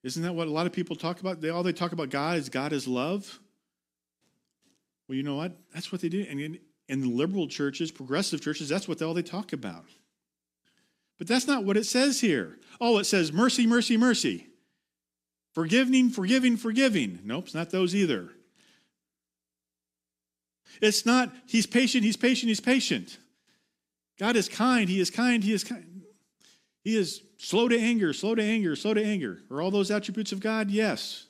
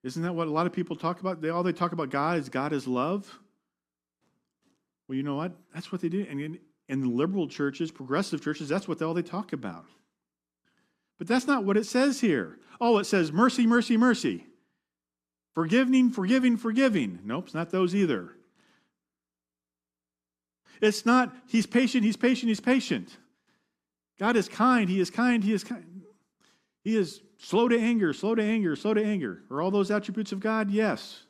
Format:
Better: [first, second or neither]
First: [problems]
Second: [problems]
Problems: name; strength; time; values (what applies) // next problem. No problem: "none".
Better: first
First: none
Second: muffled; slightly; fading above 2 kHz